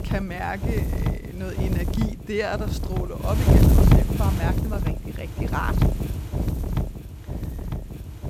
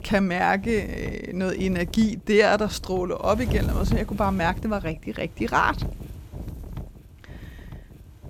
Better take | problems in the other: second | wind noise on the microphone; heavy; 1 dB below the speech; occasional gusts in the second

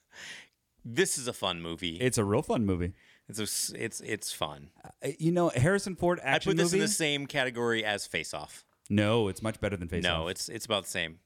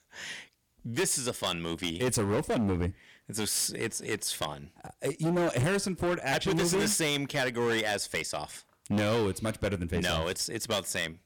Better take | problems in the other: first | distortion; heavy; 13% of the sound clipped

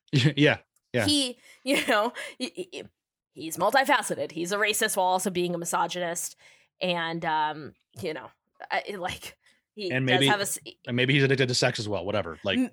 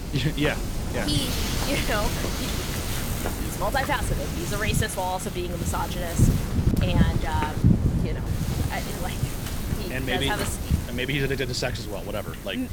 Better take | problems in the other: first | wind noise on the microphone; heavy; 4 dB below the speech

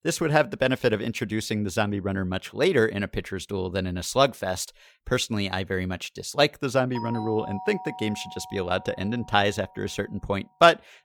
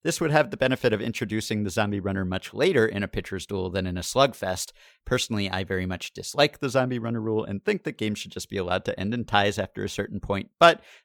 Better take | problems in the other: second | doorbell; noticeable; from 7 to 9.5 s; peak 10 dB below the speech

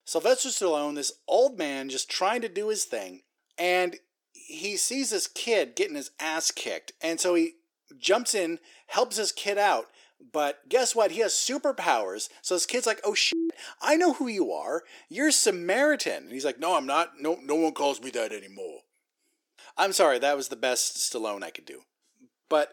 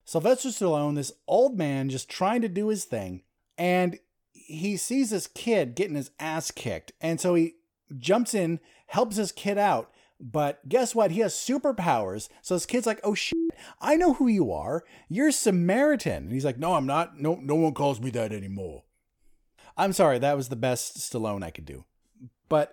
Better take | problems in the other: second | thin; somewhat; fading below 350 Hz

